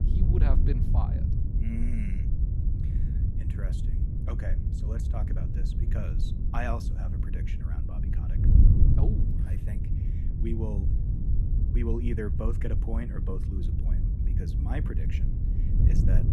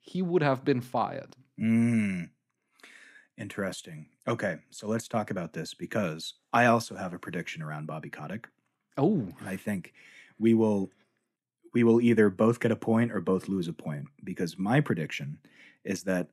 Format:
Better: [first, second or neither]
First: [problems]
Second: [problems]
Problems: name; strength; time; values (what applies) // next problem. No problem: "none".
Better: second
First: wind noise on the microphone; heavy; 2 dB below the speech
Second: none